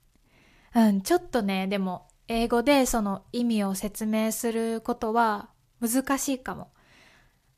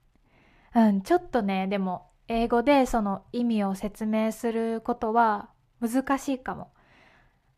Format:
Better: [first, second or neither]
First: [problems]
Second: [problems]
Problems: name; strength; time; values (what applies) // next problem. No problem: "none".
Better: first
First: none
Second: muffled; slightly; fading above 4 kHz